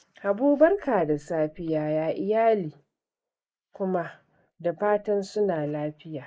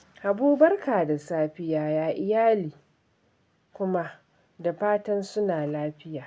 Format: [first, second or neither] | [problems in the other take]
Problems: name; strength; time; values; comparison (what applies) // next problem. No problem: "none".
second | noise reduction (neural mask model Resemble Enhance denoiser)